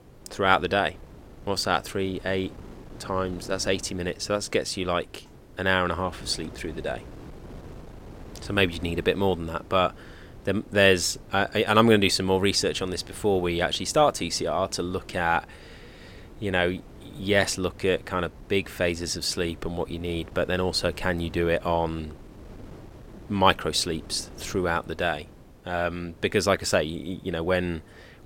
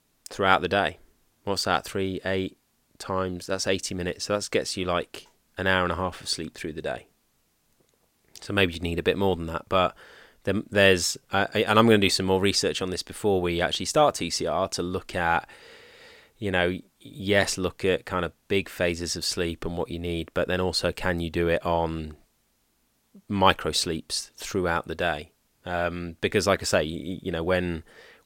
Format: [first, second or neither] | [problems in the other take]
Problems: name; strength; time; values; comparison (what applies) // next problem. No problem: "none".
second | wind noise on the microphone; occasional gusts; 25 dB below the speech